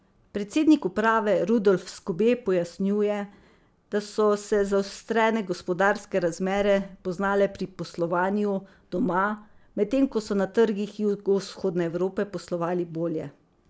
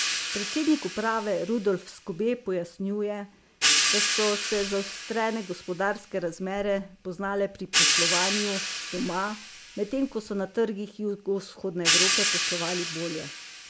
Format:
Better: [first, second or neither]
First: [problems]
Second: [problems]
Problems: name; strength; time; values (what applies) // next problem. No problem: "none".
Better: first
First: none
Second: background sound (Hi-hat); as loud as the speech